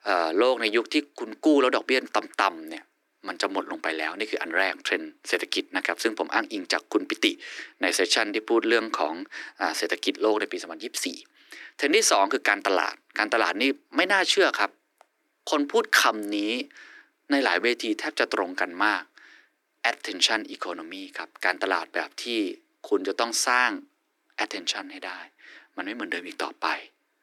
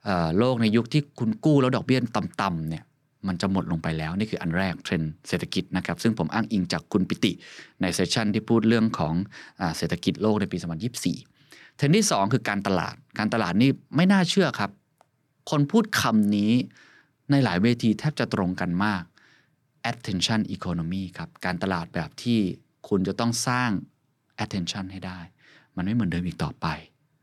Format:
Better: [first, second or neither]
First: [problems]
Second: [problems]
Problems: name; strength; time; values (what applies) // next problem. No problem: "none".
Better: second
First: thin; very; fading below 300 Hz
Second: none